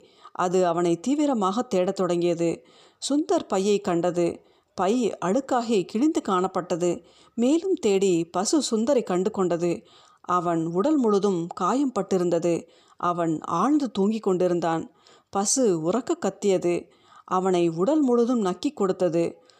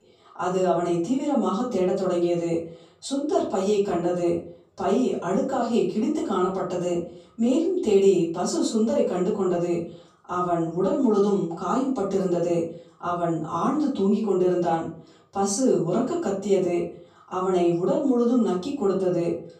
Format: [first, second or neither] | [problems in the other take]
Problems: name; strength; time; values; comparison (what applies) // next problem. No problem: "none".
first | room echo; noticeable; dies away in 0.5 s // off-mic speech; far